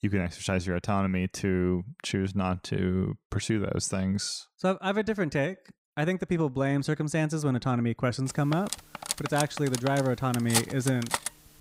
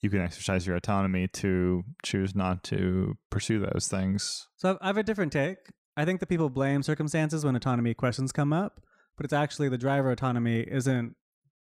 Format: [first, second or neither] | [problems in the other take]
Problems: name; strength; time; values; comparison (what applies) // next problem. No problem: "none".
second | clattering dishes; loud; from 8.5 s on; peak 1 dB above the speech